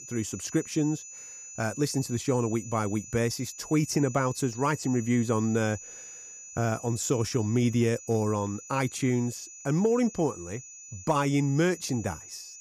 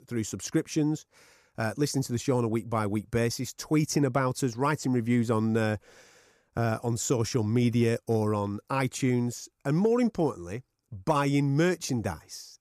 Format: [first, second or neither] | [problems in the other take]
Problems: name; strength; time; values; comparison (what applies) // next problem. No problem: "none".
second | high-pitched whine; noticeable; throughout; 7 kHz, 15 dB below the speech